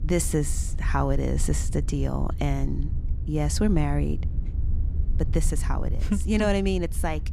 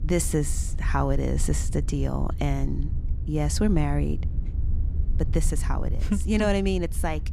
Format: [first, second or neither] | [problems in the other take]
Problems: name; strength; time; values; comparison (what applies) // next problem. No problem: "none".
neither | low rumble; noticeable; throughout; 15 dB below the speech; the same in both